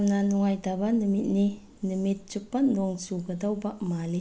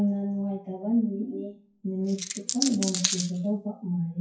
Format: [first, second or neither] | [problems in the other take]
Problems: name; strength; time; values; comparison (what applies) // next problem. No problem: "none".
first | noise reduction (classical method WPE with log-MMSE)